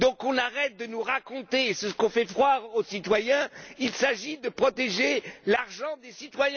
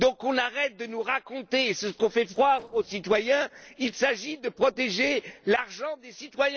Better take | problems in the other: first | noise reduction (neural separator model SepFormer DNS4)

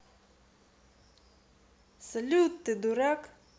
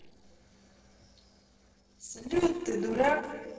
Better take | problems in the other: first | noise reduction (neural separator model SepFormer DNS4)

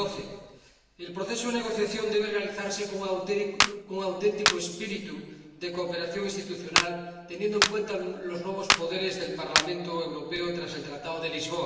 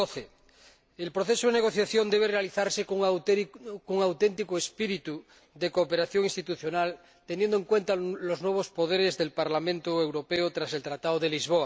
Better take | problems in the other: second | background sound (Clapping); 2 dB above the speech // room echo; dies away in 1.2 s

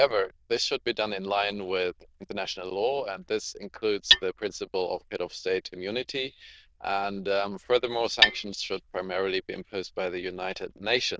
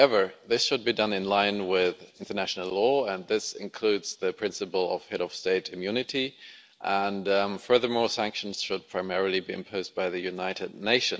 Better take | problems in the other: second | noise reduction (neural diffusion model UNIVERSE++)

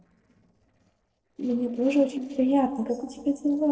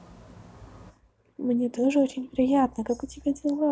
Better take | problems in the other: second | noise reduction (neural separator model SepFormer DNS4)

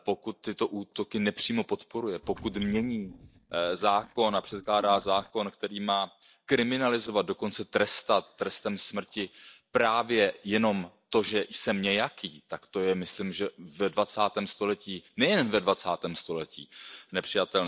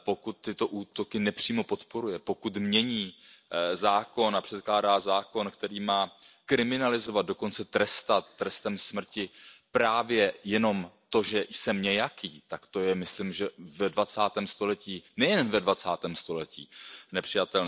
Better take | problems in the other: second | noise reduction (neural mask model DeepFilterNet 3)

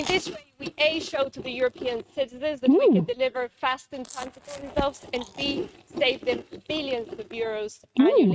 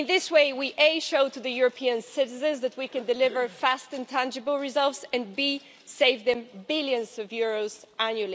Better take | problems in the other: second | noise reduction (neural mask model RNNoise)

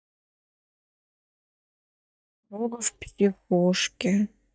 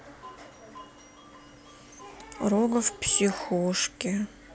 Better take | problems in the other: second | noise reduction (neural mask model DeepFilterNet 3)

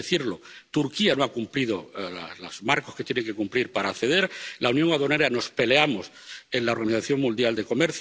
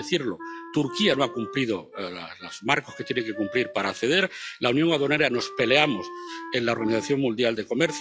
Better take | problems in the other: first | noise reduction (classical method log-MMSE)

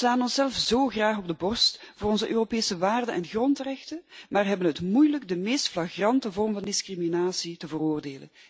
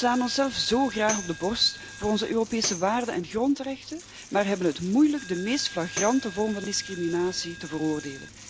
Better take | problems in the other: first | background sound (Coin (dropping) + Tambourine); 13 dB below the speech

